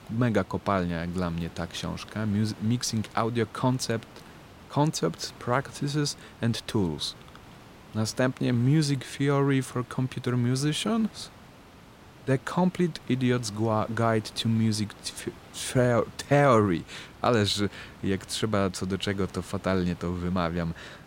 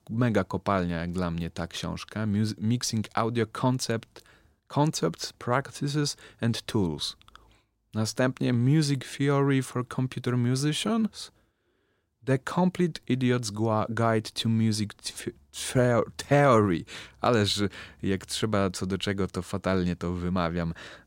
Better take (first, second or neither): second